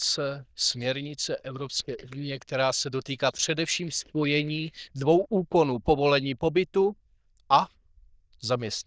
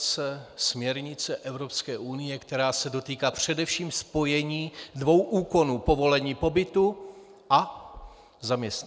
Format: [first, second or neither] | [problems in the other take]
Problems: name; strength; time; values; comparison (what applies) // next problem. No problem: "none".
second | noise reduction (neural diffusion model UNIVERSE++)